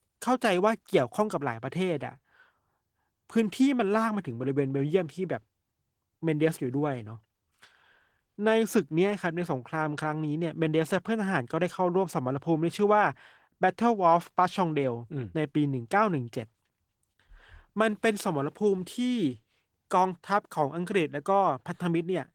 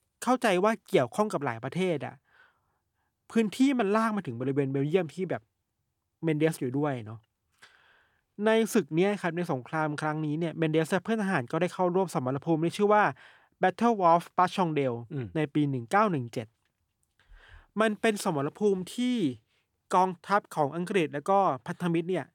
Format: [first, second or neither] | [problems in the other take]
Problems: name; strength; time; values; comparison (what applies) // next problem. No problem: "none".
second | garbled, watery; slightly; nothing above 18 kHz